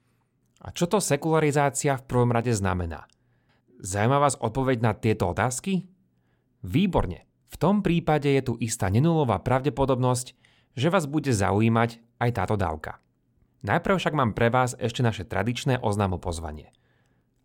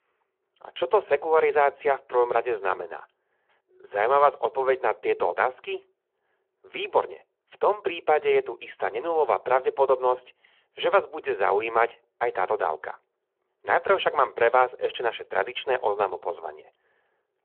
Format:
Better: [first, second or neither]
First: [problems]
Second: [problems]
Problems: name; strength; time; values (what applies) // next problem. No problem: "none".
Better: first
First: none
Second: phone-call audio